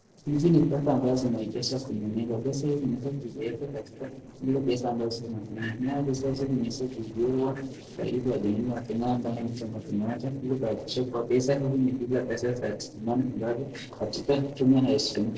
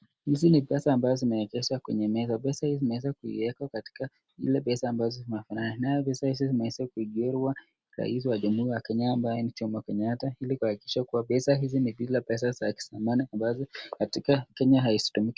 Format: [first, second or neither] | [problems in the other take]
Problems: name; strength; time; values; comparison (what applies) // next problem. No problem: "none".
second | noise reduction (neural separator model SepFormer DNS4)